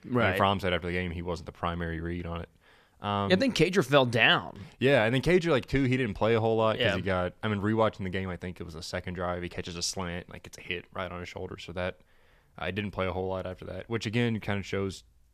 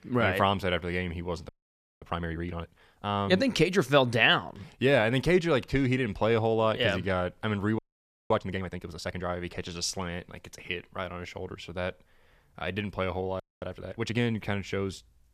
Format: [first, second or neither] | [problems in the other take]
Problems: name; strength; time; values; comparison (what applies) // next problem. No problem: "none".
first | audio freezing; at 1.5 s for 0.5 s, at 8 s for 0.5 s and at 13 s